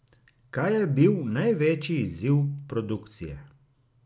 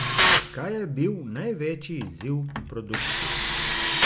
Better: first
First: none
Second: background sound (Tools); 4 dB above the speech

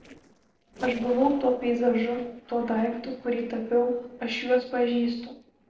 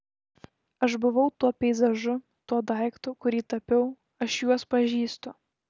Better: second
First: noise reduction (neural separator model SepFormer DNS4)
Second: none

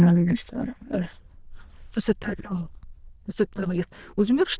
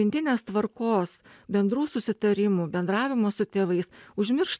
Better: second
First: noise reduction (neural diffusion model UNIVERSE++)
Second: none

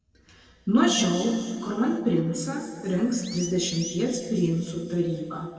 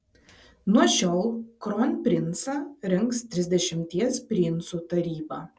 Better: second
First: background sound (Chirp, tweet); 15 dB below the speech // room echo; dies away in 2.2 s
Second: none

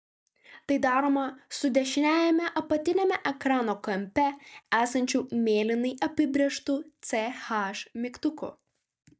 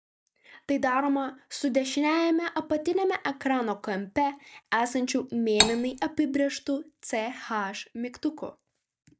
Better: first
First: none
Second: background sound (Cutlery, silverware); 2 dB above the speech

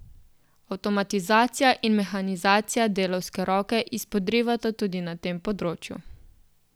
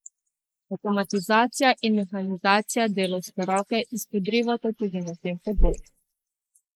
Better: first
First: none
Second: noise reduction (neural mask model Resemble Enhance denoiser)

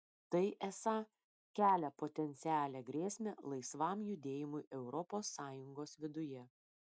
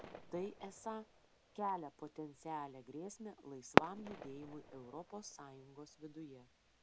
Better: first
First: none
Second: background sound (Fireworks); 5 dB above the speech

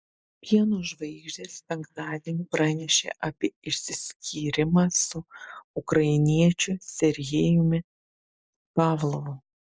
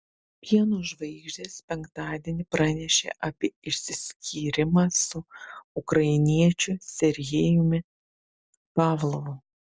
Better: second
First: noise reduction (neural mask model Resemble Enhance denoiser)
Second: none

